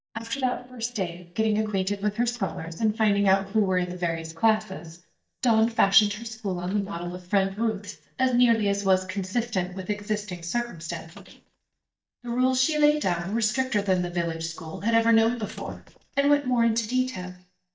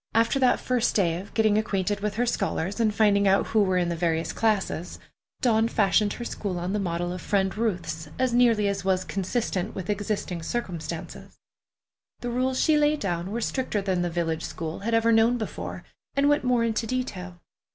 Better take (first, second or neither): second